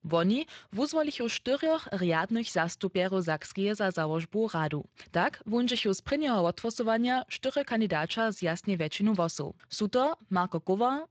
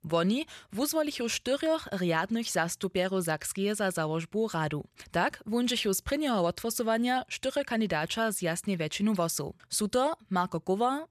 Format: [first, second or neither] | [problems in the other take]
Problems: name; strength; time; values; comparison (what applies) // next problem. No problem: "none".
second | garbled, watery; slightly; nothing above 7.5 kHz